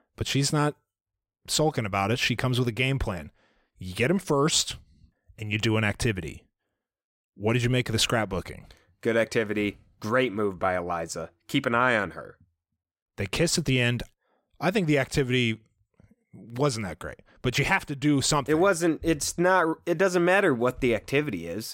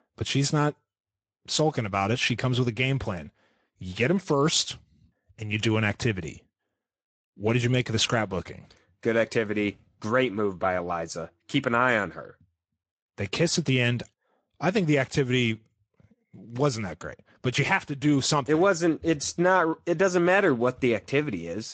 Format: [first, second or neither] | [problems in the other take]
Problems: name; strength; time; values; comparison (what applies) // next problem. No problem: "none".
first | garbled, watery; slightly; nothing above 8 kHz